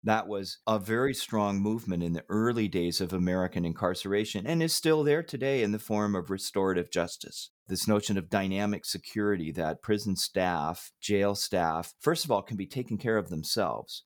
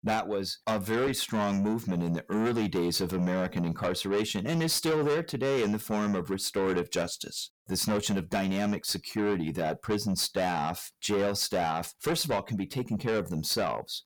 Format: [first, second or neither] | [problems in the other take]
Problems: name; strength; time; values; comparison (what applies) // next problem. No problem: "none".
first | distortion; heavy; 7 dB below the speech